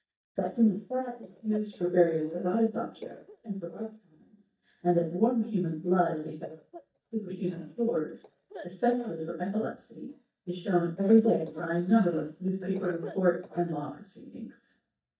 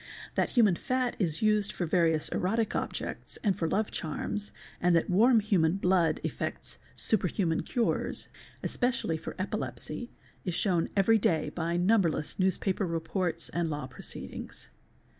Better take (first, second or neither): second